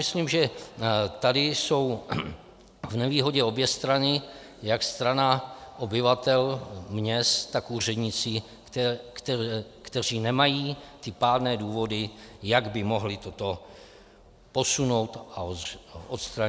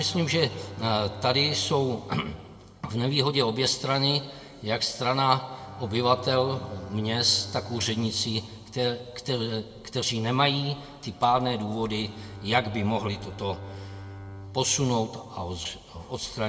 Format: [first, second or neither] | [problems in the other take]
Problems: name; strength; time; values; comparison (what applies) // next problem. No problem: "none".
first | background sound (Bowed string instrument); 16 dB below the speech // room echo; dies away in 1 s